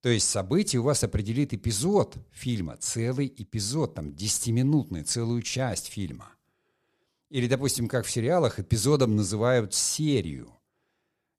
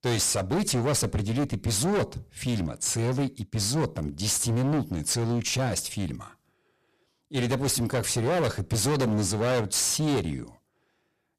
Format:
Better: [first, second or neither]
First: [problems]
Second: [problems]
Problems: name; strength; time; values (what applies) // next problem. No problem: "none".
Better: first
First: none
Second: distortion; heavy; 20% of the sound clipped